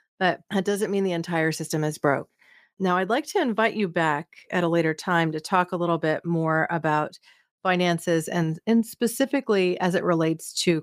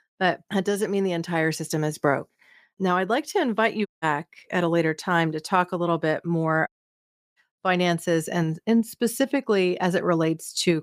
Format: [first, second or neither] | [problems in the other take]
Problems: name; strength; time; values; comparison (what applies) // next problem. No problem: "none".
first | audio cutting out; at 4 s and at 6.5 s for 0.5 s